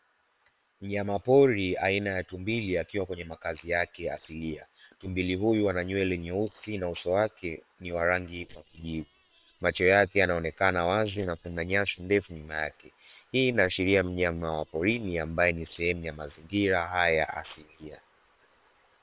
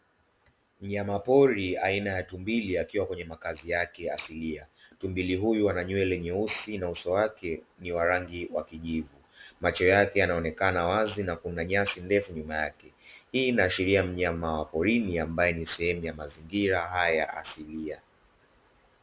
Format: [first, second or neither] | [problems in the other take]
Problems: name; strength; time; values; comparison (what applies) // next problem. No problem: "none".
second | noise reduction (neural separator model SepFormer WHAM!)